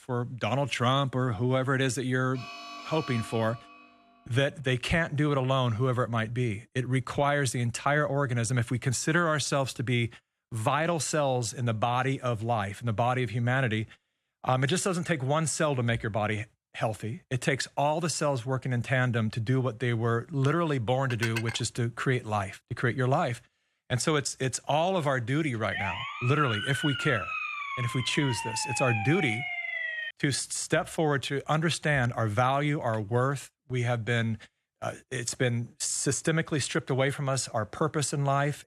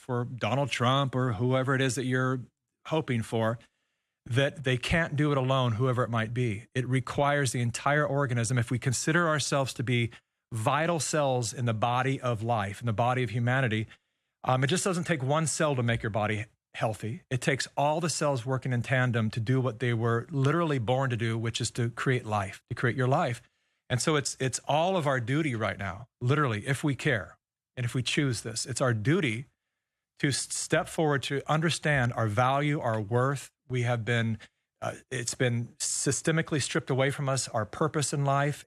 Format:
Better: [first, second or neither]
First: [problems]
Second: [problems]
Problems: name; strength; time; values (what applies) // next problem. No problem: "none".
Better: second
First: alarm; faint; from 2.5 to 4 s; peak 10 dB below the speech // clattering dishes; noticeable; at 21 s; peak 6 dB below the speech // siren; noticeable; from 26 to 30 s; peak 2 dB below the speech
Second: none